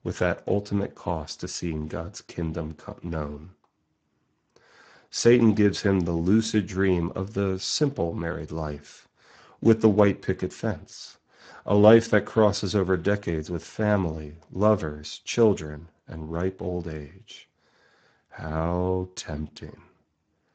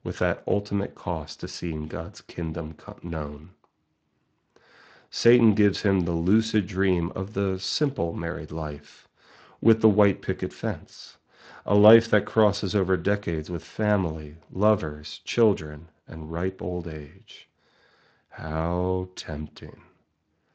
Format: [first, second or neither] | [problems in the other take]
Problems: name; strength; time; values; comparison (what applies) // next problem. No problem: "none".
second | garbled, watery; badly; nothing above 7.5 kHz; slightly in the second